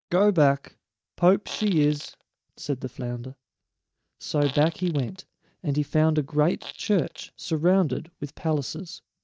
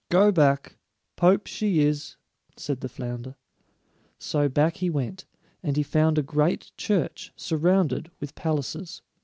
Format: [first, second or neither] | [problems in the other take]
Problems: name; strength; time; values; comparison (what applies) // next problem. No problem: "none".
second | noise reduction (neural mask model DeepFilterNet 3)